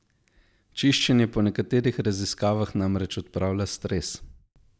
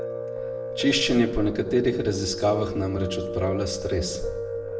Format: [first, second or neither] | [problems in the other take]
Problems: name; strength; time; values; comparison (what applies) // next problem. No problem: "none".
first | background sound (Piano); 6 dB below the speech // room echo; dies away in 0.6 s